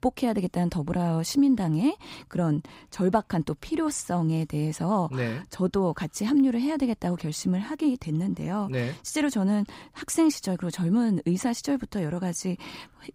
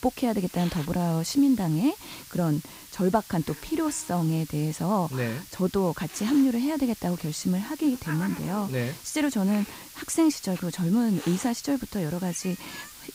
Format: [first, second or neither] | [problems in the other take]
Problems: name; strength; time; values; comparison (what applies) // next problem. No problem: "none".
first | hiss; noticeable; throughout; 15 dB below the speech